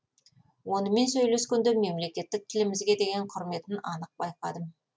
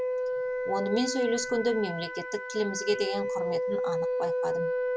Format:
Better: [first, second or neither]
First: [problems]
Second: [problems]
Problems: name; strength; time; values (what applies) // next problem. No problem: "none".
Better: first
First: none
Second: background sound (Wind instrument, woodwind instrument); as loud as the speech